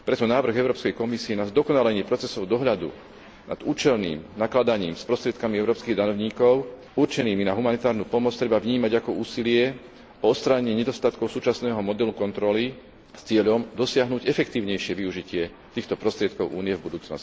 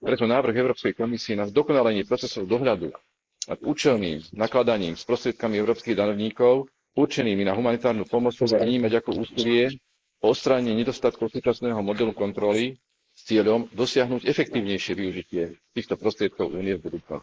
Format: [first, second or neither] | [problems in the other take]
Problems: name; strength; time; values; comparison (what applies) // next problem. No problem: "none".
first | noise reduction (neural mask model Resemble Enhance denoiser)